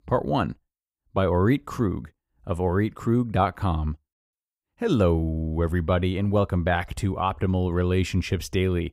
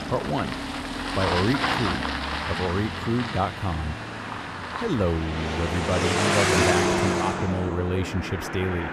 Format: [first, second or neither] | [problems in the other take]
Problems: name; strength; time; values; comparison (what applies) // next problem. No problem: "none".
first | traffic noise; very loud; throughout; 1 dB above the speech